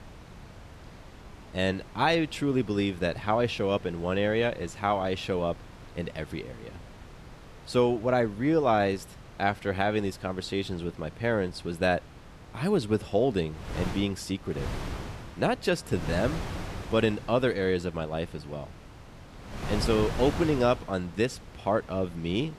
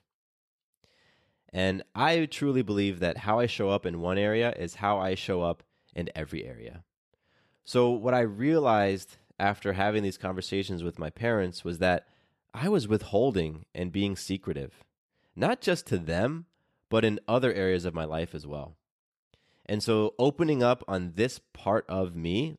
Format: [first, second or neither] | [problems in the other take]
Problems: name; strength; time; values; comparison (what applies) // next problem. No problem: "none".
second | wind noise on the microphone; occasional gusts; 15 dB below the speech